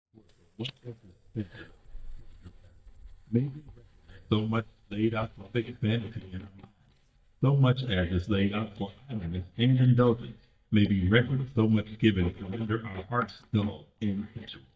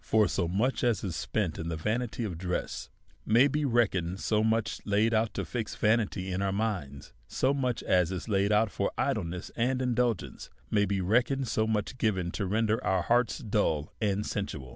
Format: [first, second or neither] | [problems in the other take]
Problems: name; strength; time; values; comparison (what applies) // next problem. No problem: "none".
second | noise reduction (neural mask model DeepFilterNet 3)